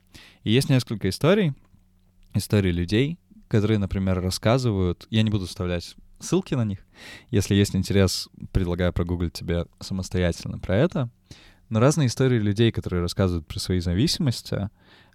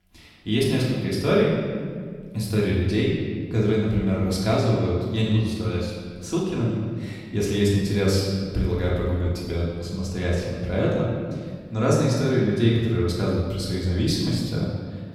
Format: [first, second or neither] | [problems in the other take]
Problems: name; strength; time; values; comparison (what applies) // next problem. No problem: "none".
first | off-mic speech; far // room echo; noticeable; dies away in 1.6 s